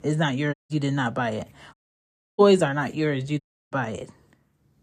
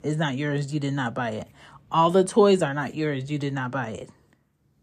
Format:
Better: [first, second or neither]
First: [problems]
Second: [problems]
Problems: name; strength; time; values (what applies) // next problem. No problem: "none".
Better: second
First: audio cutting out; at 0.5 s, at 1.5 s for 0.5 s and at 3.5 s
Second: none